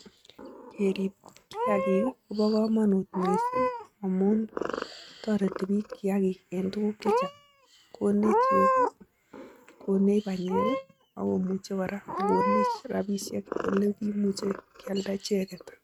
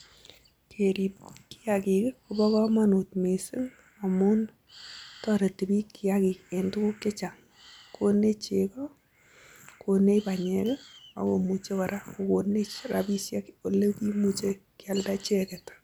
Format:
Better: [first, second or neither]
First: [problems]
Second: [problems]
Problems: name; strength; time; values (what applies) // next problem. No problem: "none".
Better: second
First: noise reduction (neural mask model RNNoise)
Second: none